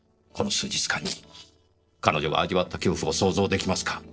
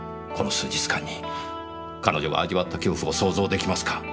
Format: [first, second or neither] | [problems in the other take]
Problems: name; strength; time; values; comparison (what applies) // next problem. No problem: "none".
second | noise reduction (neural separator model SepFormer DNS4)